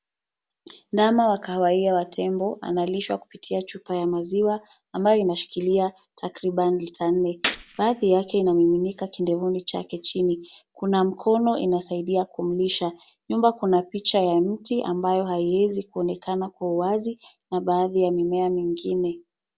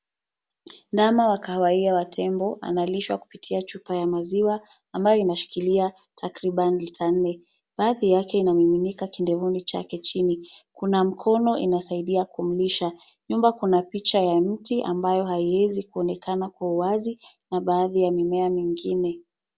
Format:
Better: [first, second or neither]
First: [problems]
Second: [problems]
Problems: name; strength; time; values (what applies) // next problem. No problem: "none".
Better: second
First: background sound (Gunshot, gunfire); 10 dB below the speech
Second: none